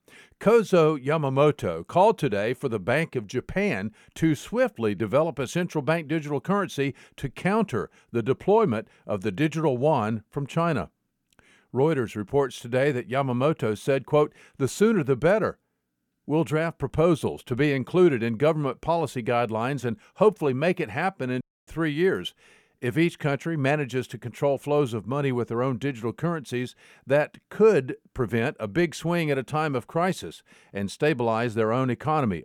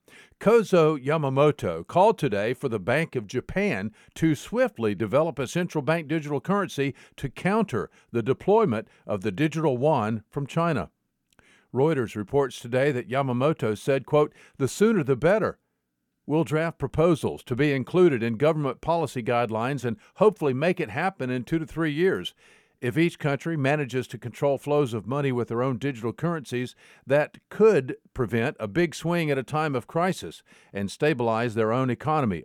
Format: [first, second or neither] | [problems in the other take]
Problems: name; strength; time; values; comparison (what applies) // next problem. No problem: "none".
second | audio cutting out; at 21 s